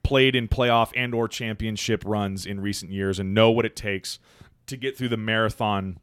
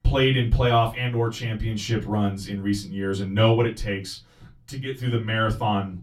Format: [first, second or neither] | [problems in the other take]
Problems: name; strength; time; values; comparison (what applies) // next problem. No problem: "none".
first | off-mic speech; far // room echo; very slight; dies away in 0.2 s